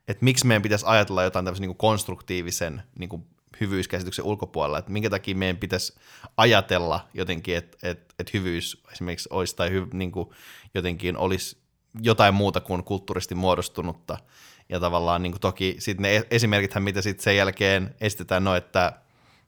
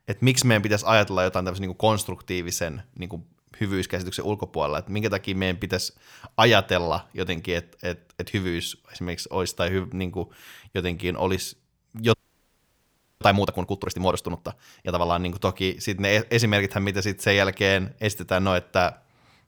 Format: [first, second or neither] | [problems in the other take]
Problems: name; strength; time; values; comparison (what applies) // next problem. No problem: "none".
first | audio freezing; at 12 s for 1 s